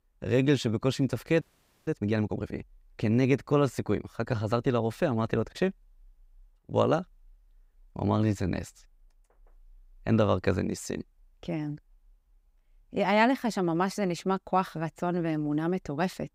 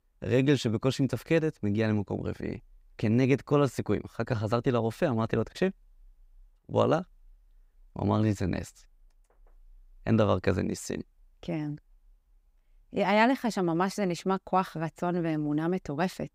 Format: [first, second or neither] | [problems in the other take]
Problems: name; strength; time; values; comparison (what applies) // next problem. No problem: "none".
second | audio freezing; at 1.5 s